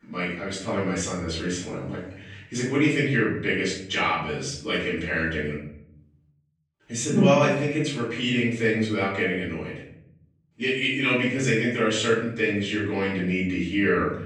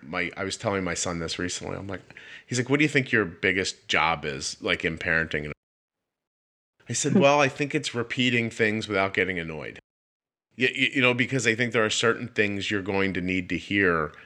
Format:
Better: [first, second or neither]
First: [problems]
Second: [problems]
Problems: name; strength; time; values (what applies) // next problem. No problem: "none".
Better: second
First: off-mic speech; far // room echo; noticeable; dies away in 0.8 s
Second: none